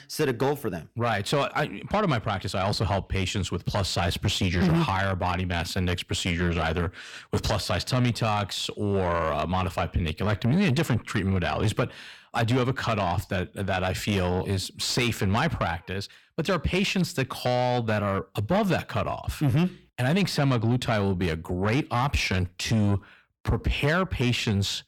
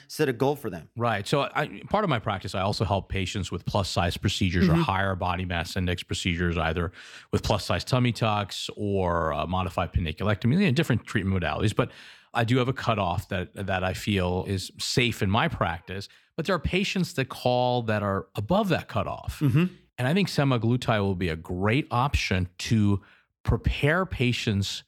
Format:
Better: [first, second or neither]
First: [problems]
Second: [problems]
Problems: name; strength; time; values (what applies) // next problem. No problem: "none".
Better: second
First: distortion; slight; 10 dB below the speech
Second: none